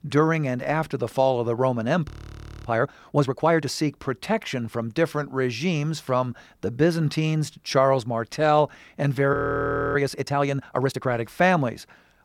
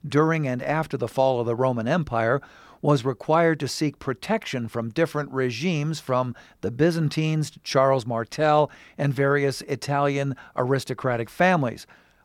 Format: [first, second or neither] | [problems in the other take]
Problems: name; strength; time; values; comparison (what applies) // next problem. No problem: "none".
second | audio freezing; at 2 s for 0.5 s and at 9.5 s for 0.5 s